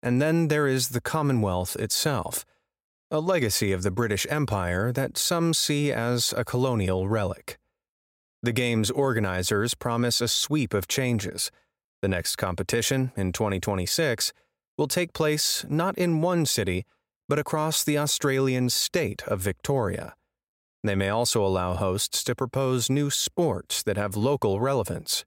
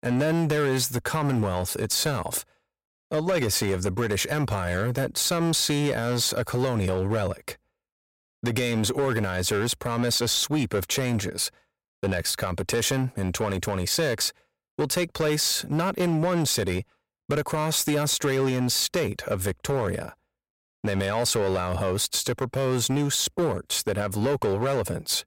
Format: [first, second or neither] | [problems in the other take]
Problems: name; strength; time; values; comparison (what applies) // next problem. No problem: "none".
first | distortion; slight; 10% of the sound clipped